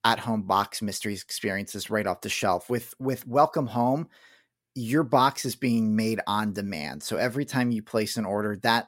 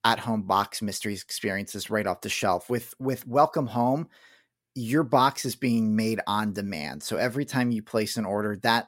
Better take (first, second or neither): neither